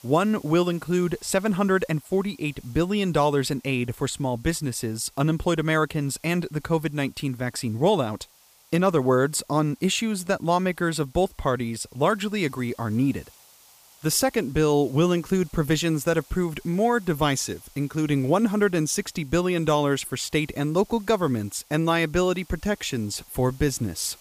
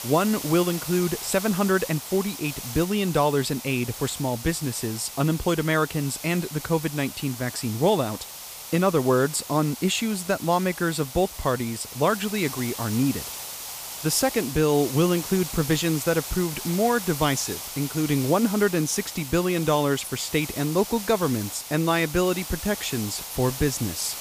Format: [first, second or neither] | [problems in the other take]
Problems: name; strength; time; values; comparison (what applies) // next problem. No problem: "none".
first | hiss; loud; throughout; 9 dB below the speech; faint in the first